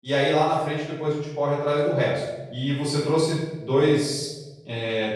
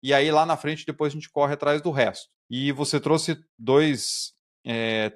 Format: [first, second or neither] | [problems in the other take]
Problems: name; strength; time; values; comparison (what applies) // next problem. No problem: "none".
second | room echo; noticeable; dies away in 0.9 s // off-mic speech; far